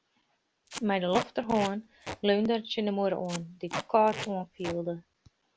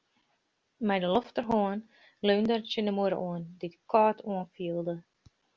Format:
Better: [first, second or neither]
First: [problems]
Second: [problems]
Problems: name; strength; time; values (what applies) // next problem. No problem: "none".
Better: second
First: background sound (Packing tape, duct tape); 11 dB below the speech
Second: none